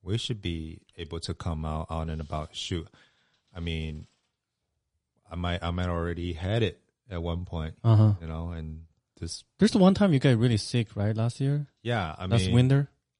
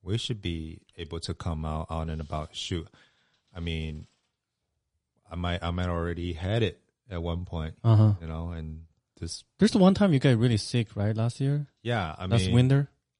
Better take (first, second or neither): neither